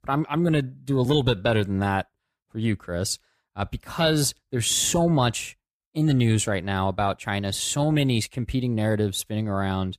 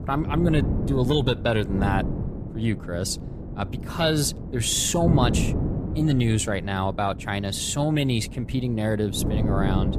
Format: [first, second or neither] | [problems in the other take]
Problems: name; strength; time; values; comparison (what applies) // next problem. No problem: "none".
first | wind noise on the microphone; occasional gusts; 10 dB below the speech